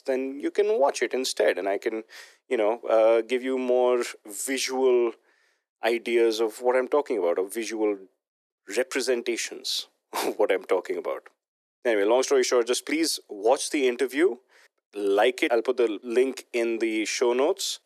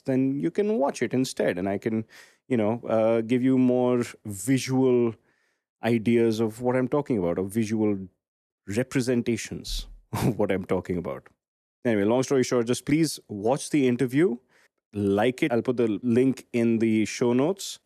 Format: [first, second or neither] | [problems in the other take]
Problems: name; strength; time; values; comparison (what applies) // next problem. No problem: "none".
second | thin; very; fading below 350 Hz